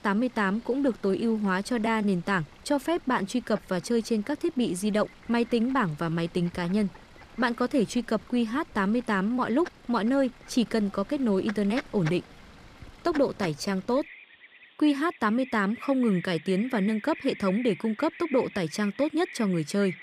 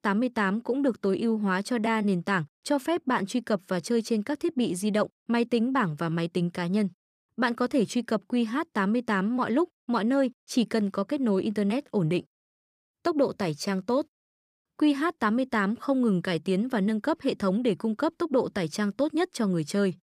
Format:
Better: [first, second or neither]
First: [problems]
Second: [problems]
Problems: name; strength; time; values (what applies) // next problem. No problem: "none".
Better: second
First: animal sounds; noticeable; throughout; 20 dB below the speech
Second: none